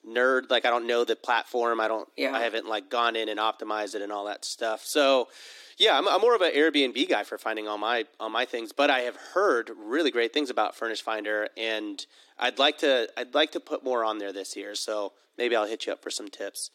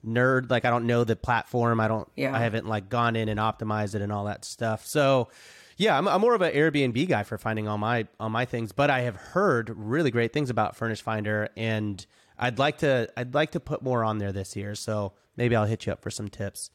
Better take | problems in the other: second | thin; somewhat; fading below 300 Hz

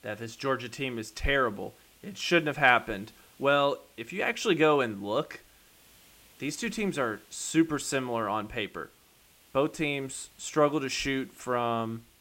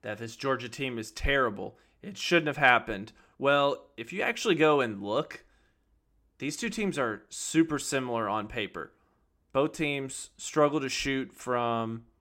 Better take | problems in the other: second | hiss; faint; throughout; 30 dB below the speech

